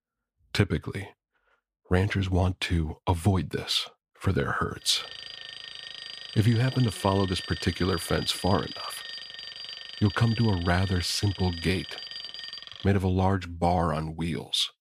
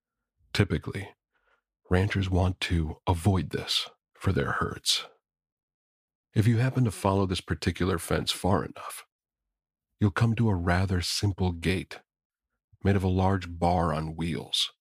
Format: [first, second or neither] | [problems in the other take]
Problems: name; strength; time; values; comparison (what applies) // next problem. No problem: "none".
second | alarm; noticeable; from 5 to 13 s; peak 8 dB below the speech